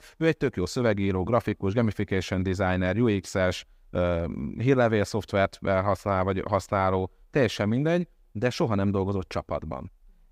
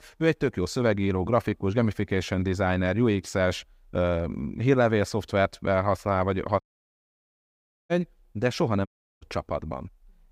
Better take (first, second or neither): first